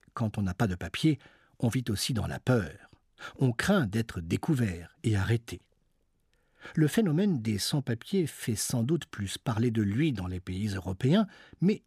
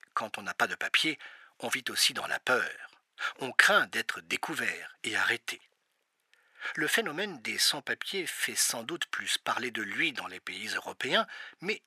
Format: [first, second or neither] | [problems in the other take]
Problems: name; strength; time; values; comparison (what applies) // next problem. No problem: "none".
first | thin; very; fading below 700 Hz